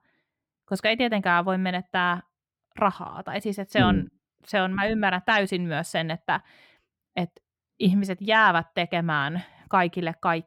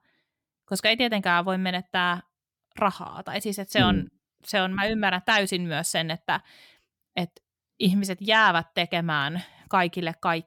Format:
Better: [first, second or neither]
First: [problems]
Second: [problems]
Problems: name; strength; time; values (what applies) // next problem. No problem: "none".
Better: second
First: muffled; slightly; fading above 3.5 kHz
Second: none